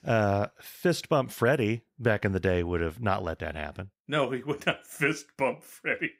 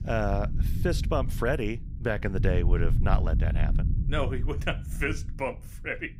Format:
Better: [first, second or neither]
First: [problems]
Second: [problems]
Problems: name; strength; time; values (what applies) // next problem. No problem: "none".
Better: first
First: none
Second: low rumble; noticeable; throughout; 15 dB below the speech